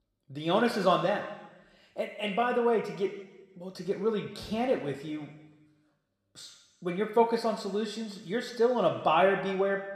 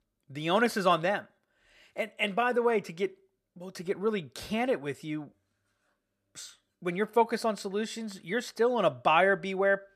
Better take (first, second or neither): second